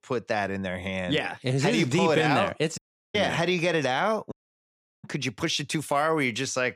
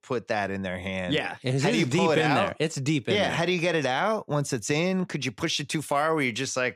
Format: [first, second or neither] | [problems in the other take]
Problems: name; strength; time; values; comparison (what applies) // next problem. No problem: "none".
second | audio cutting out; at 3 s and at 4.5 s for 0.5 s